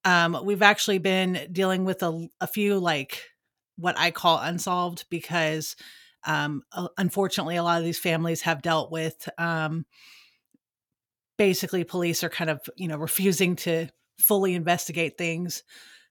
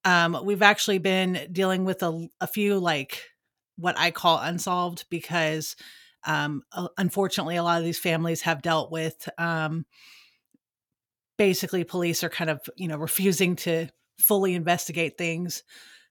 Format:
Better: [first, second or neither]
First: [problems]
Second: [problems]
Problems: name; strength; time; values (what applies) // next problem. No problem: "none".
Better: neither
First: none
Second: none